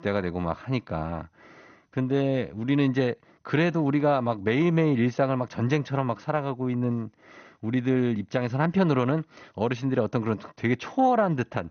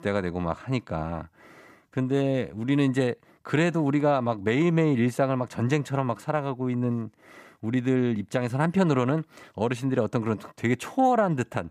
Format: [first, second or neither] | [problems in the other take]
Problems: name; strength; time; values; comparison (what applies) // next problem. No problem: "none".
second | garbled, watery; slightly; nothing above 6.5 kHz